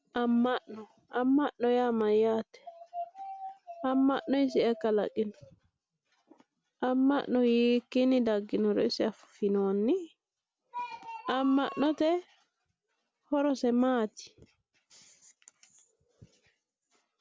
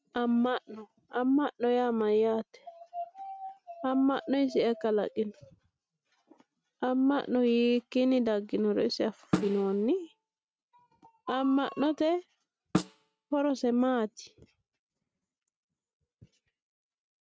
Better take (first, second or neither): first